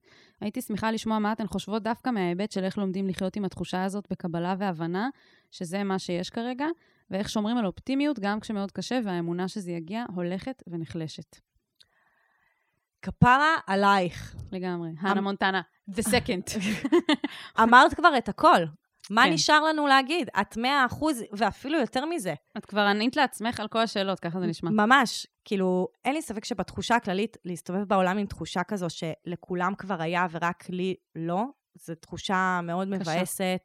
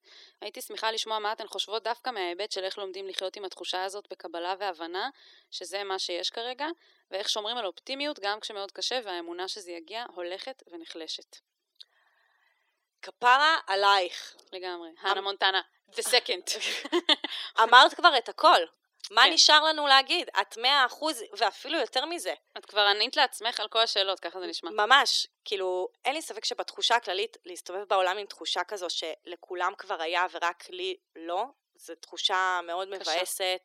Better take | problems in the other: first | thin; very; fading below 350 Hz

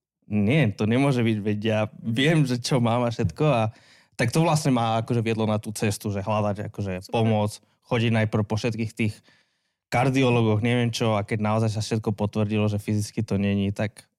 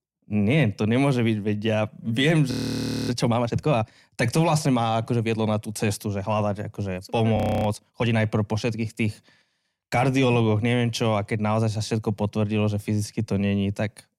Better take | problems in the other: first | audio freezing; at 2.5 s for 0.5 s and at 7.5 s

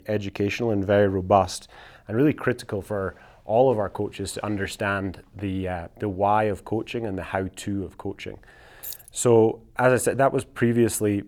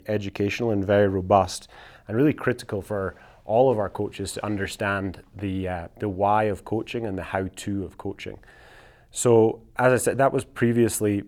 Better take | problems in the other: second | jangling keys; faint; at 9 s; peak 10 dB below the speech

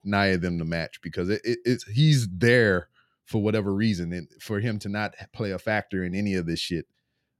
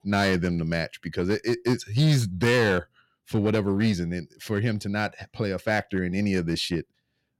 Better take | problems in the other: first | distortion; slight; 7% of the sound clipped

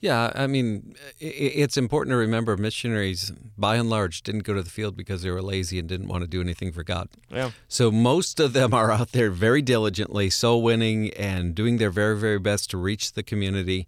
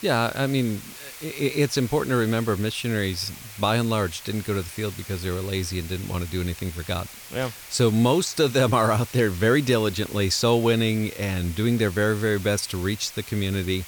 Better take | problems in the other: first | hiss; noticeable; throughout; 15 dB below the speech

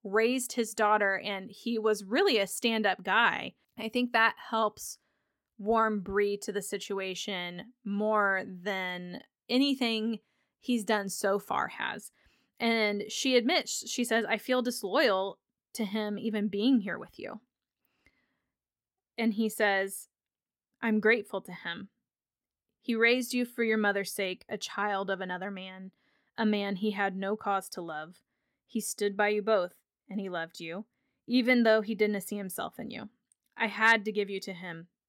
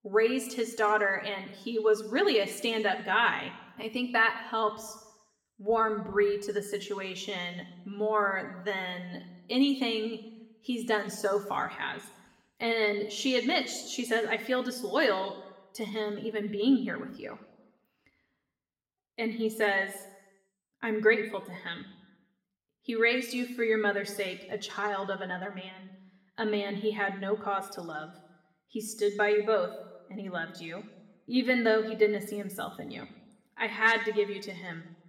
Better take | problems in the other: first | room echo; slight; dies away in 0.9 s

